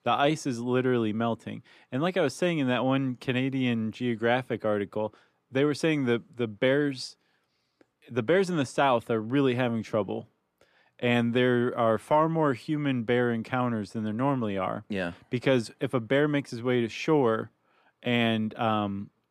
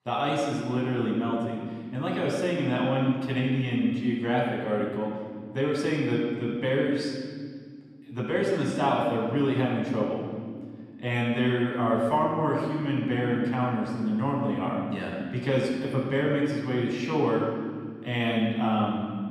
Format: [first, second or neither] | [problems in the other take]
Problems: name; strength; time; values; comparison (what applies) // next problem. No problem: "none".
first | off-mic speech; far // room echo; noticeable; dies away in 1.8 s